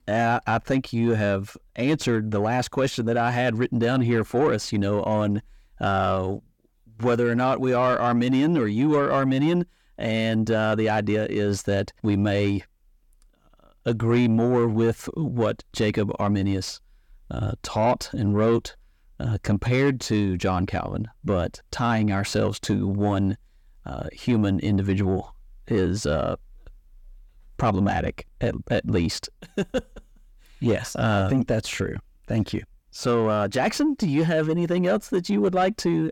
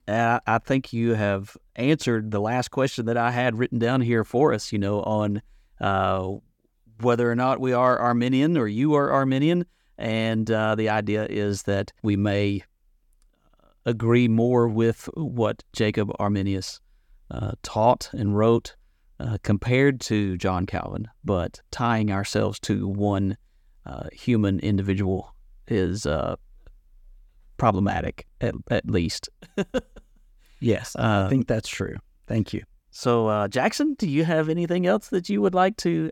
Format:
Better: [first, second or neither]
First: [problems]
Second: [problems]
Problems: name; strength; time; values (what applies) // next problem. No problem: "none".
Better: second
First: distortion; slight; 10 dB below the speech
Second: none